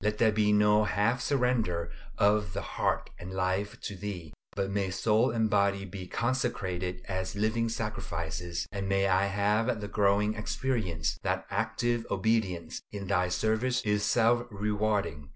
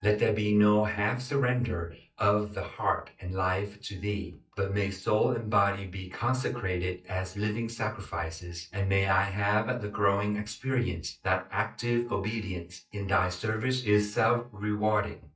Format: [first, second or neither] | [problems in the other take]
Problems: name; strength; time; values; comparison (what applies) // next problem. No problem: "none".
first | noise reduction (neural mask model DeepFilterNet 3)